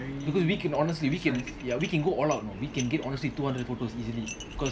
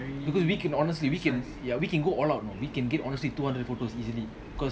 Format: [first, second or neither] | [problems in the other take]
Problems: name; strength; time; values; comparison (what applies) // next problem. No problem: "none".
second | background sound (Dishes, pots, and pans); 18 dB below the speech